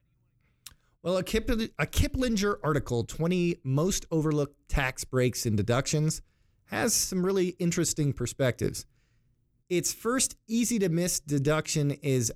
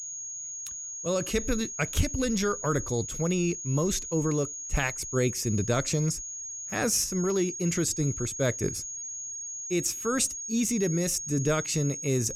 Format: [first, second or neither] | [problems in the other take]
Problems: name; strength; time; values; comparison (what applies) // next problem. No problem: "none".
first | high-pitched whine; loud; throughout; 6.5 kHz, 6 dB below the speech